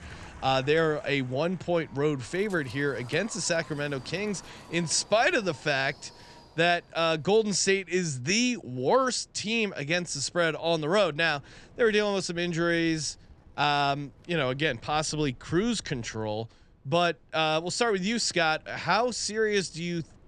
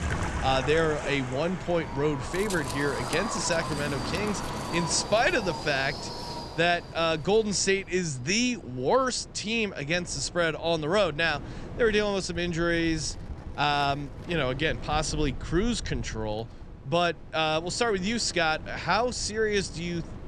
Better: first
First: wind in the background; faint; throughout; 25 dB below the speech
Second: wind in the background; loud; throughout; 10 dB below the speech

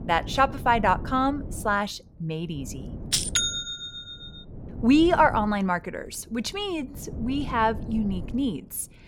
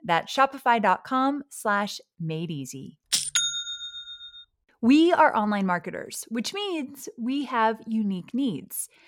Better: second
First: wind noise on the microphone; occasional gusts; 20 dB below the speech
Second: none

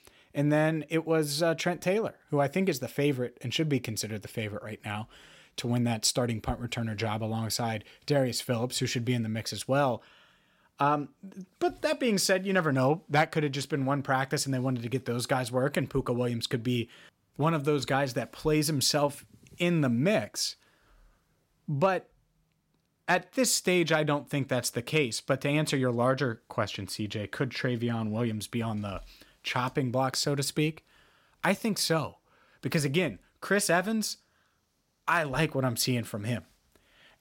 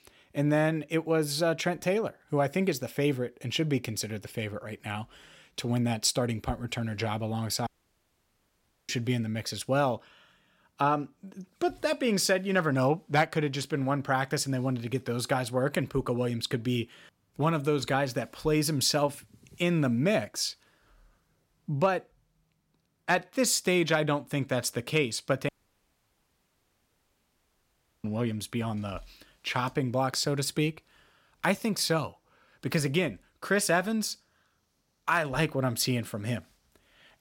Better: first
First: none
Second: audio cutting out; at 7.5 s for 1 s and at 25 s for 2.5 s

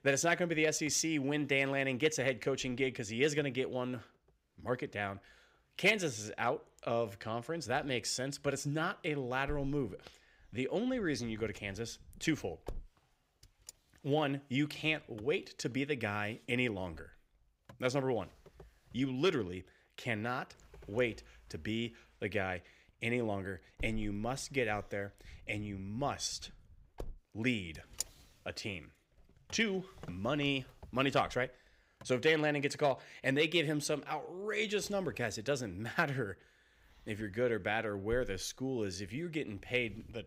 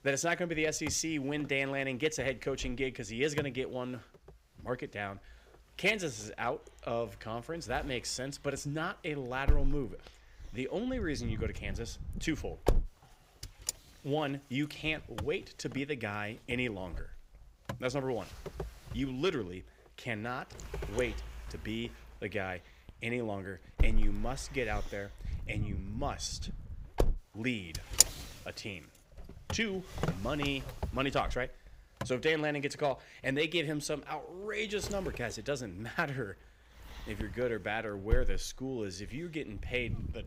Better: first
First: wind noise on the microphone; occasional gusts; 20 dB below the speech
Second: wind noise on the microphone; heavy; 5 dB below the speech

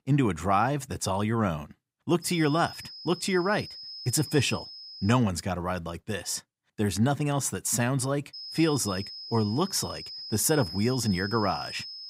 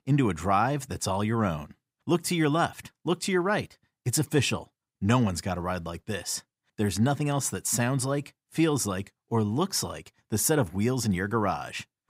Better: second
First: high-pitched whine; noticeable; from 2 to 5 s and from 8.5 s on; 5 kHz, 10 dB below the speech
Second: none

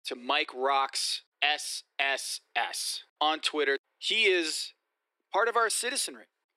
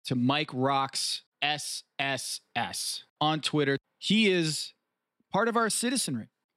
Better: second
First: thin; very; fading below 350 Hz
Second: none

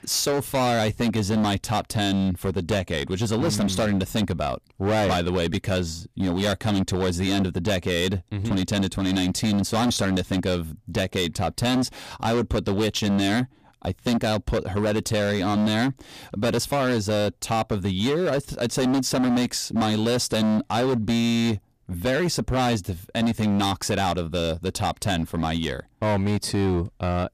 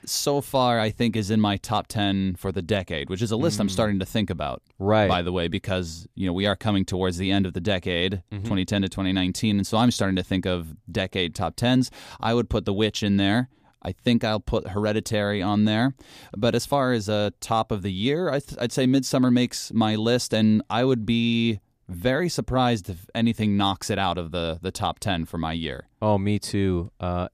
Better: second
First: distortion; heavy; 20% of the sound clipped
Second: none

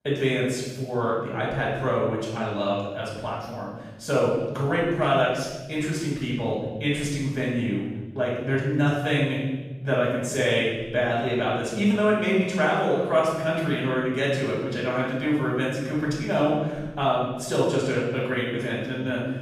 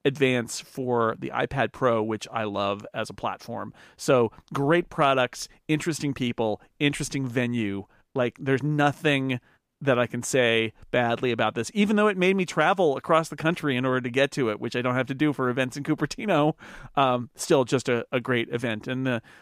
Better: second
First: off-mic speech; far // room echo; strong; dies away in 1.3 s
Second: none

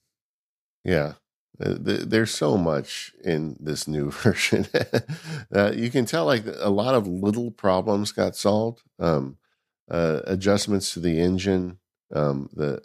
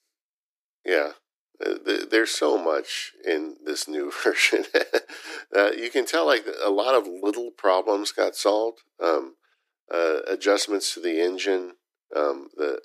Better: first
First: none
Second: thin; very; fading below 300 Hz

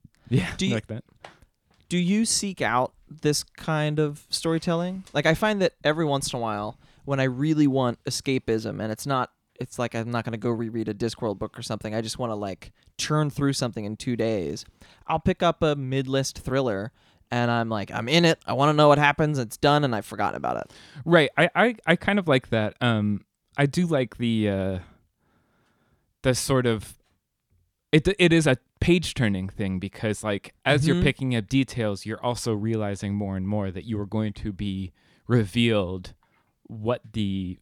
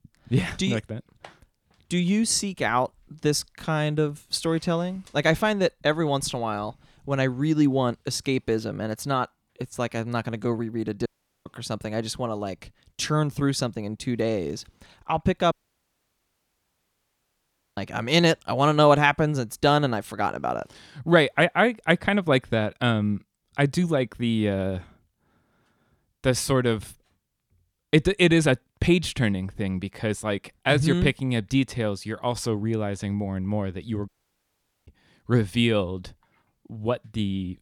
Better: first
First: none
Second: audio cutting out; at 11 s, at 16 s for 2.5 s and at 34 s for 1 s

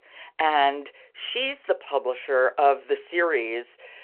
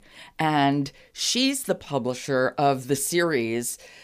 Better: second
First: phone-call audio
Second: none

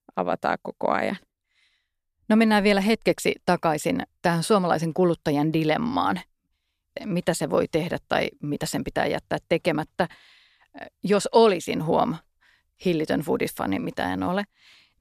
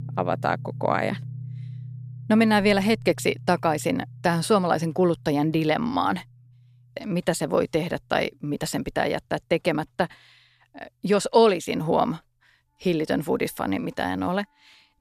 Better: first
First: none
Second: background music; noticeable; throughout; 15 dB below the speech

